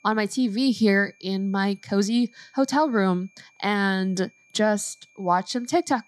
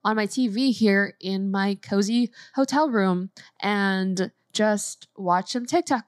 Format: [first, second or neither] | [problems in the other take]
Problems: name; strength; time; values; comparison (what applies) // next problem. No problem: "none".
second | high-pitched whine; faint; throughout; 2.5 kHz, 35 dB below the speech